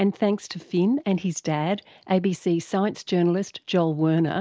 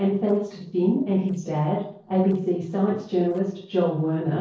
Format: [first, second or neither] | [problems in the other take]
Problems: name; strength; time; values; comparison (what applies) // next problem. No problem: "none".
first | noise reduction (neural separator model SepFormer DNS4)